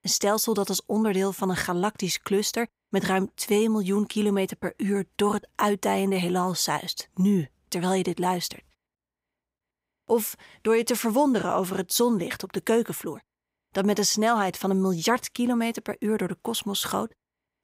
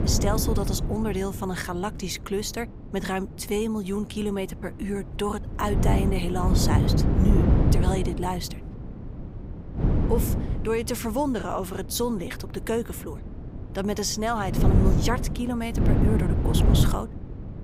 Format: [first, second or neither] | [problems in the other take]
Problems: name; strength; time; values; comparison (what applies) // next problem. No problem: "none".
first | wind noise on the microphone; heavy; 3 dB below the speech